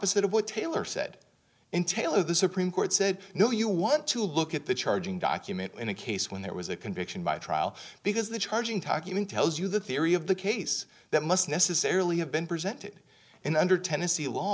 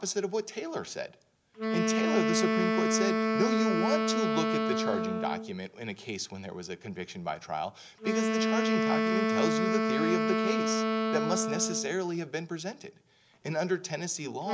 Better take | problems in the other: first | background sound (Wind instrument, woodwind instrument); 3 dB above the speech

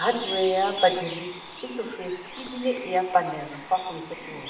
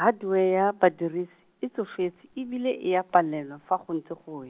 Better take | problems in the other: second | background sound (Bird); 11 dB below the speech // room echo; dies away in 0.8 s

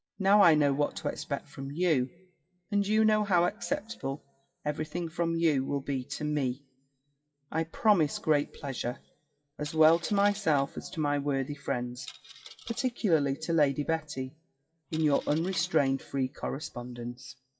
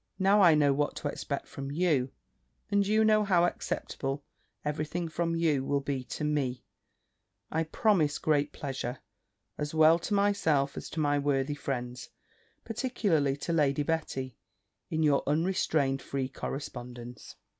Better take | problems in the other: second | noise reduction (classical method WPE with log-MMSE)

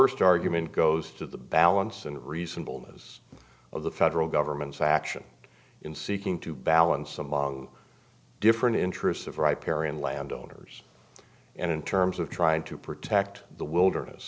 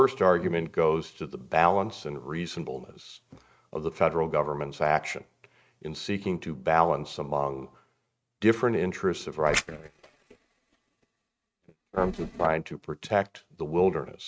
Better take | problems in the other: first | noise reduction (neural mask model RNNoise)

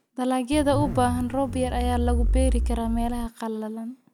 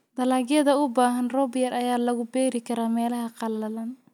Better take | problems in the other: second | background sound (Zipper (clothing)); as loud as the speech

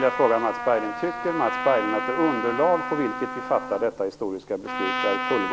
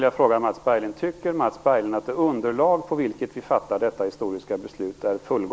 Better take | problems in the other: second | background sound (Trumpet); 5 dB below the speech

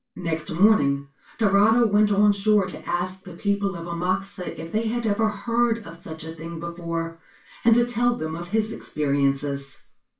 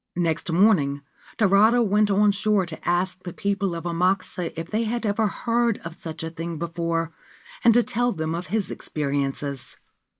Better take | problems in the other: second | room echo; dies away in 0.2 s

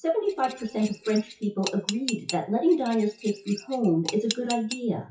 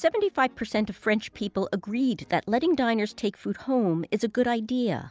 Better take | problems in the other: second | noise reduction (classical method WPE with log-MMSE)

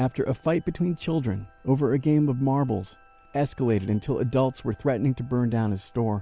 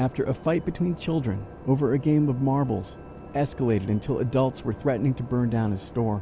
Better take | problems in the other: first | background sound (Engine / Boat, Water vehicle); 17 dB below the speech

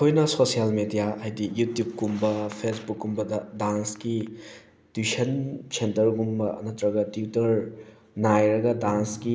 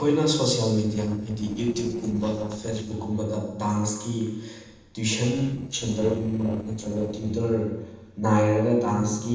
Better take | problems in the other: first | noise reduction (neural separator model SepFormer DNS4)

